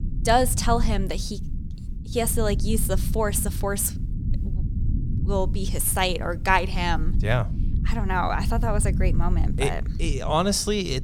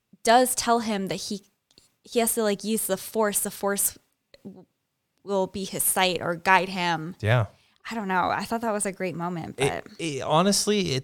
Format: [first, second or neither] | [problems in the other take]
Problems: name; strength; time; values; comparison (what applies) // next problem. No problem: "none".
second | low rumble; noticeable; throughout; 15 dB below the speech